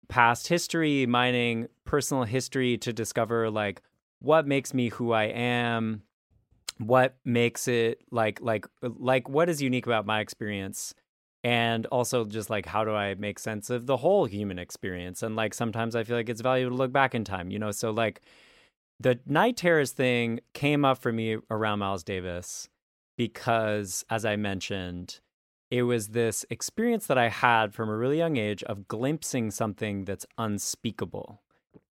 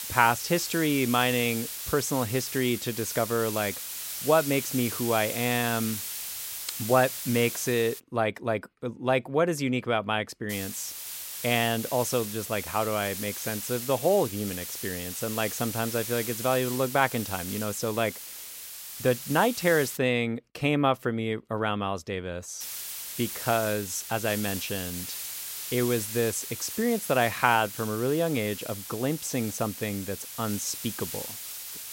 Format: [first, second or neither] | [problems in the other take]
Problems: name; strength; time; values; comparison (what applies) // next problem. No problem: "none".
first | hiss; loud; until 8 s, from 11 to 20 s and from 23 s on; 6 dB below the speech